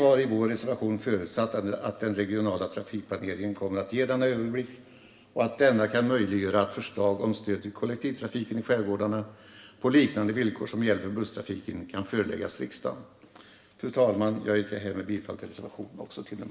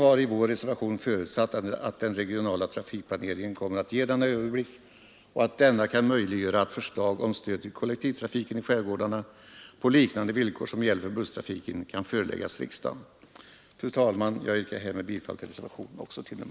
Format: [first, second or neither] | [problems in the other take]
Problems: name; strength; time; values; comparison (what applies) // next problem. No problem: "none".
second | room echo; dies away in 1.9 s